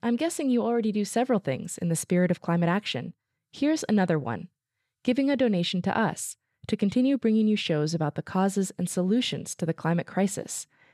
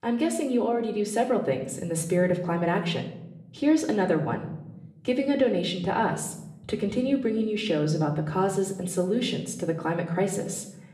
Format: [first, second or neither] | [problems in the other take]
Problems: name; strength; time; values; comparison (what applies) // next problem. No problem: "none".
first | room echo; slight; dies away in 0.8 s